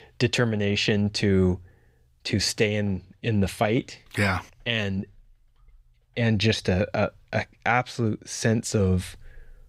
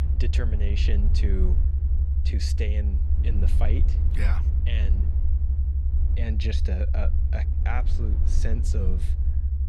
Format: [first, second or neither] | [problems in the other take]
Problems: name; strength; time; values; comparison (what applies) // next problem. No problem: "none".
first | low rumble; loud; throughout; 5 dB below the speech